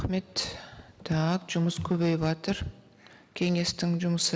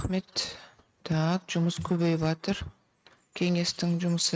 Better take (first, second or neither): first